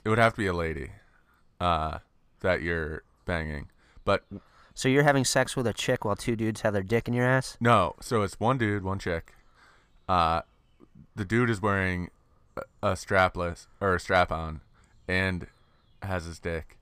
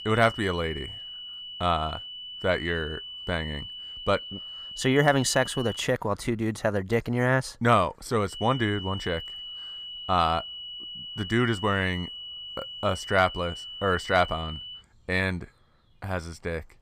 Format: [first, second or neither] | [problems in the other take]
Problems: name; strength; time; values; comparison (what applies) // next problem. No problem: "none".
first | high-pitched whine; loud; until 6 s and from 8.5 to 15 s; 3 kHz, 10 dB below the speech